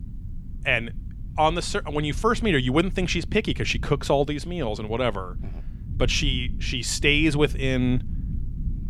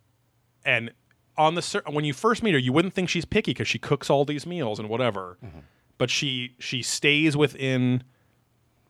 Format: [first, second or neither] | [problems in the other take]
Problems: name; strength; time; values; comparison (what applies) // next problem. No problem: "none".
second | low rumble; faint; throughout; 25 dB below the speech